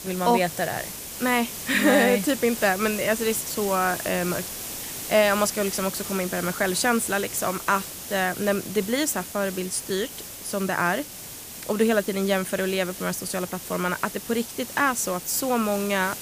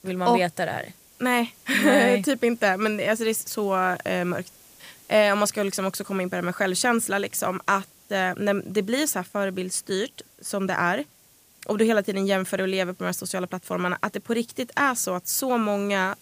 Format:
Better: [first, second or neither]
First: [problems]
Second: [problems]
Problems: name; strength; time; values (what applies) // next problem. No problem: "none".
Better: second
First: hiss; loud; throughout; 9 dB below the speech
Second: hiss; faint; throughout; 25 dB below the speech